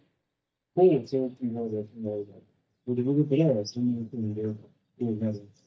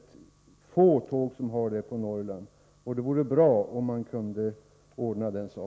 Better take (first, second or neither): second